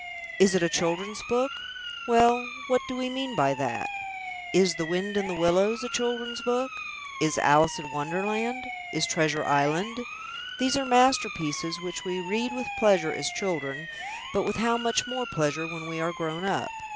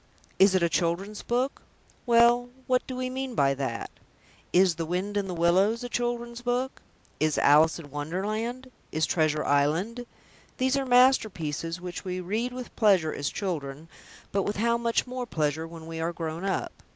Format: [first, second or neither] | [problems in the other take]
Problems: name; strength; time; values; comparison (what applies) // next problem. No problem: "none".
second | background sound (Siren); 10 dB below the speech